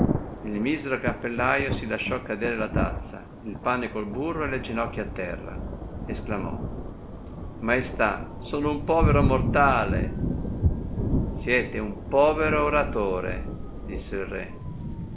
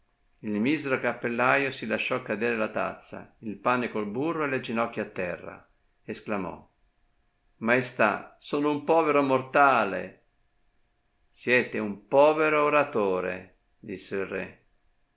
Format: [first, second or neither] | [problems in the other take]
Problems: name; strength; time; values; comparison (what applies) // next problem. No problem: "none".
second | background sound (Thunder / Rain); 2 dB below the speech